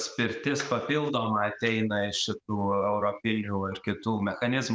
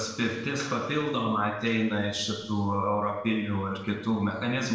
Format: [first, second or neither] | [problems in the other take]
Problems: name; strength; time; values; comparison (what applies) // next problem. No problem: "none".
first | room echo; dies away in 1 s